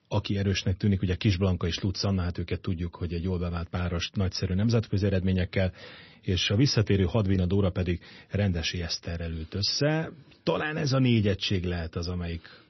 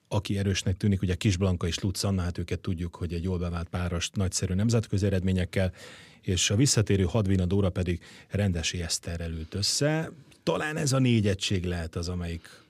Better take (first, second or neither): second